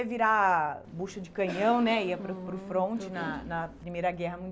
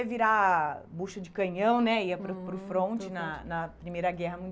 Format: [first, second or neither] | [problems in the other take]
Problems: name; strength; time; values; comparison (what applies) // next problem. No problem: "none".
second | background sound (Cough); 15 dB below the speech